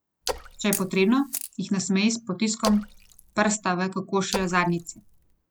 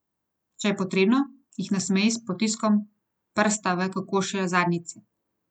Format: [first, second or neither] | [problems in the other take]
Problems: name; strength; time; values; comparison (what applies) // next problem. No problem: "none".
second | background sound (Splash, splatter + Camera); 11 dB below the speech